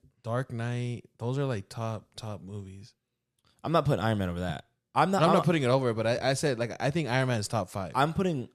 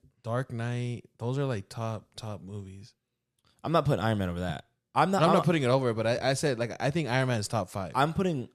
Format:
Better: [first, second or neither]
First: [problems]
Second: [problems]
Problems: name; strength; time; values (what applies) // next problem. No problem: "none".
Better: neither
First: none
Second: none